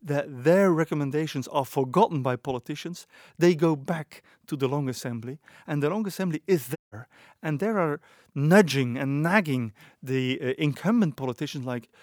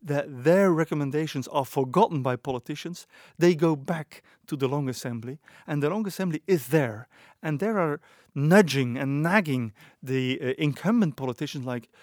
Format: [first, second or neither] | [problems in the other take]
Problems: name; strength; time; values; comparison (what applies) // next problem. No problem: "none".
second | audio cutting out; at 7 s